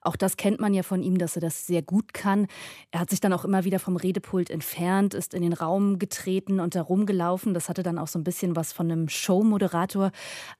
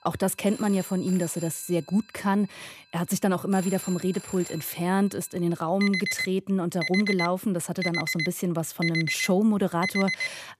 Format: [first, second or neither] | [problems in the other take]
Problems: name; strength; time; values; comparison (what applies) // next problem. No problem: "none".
first | alarms or sirens; loud; throughout; 5 dB below the speech